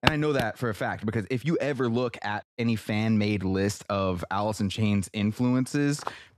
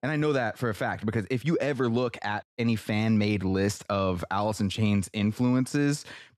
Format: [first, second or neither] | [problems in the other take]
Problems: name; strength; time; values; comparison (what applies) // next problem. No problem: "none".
second | footsteps; very faint; at the start and at 6 s; peak 1 dB above the speech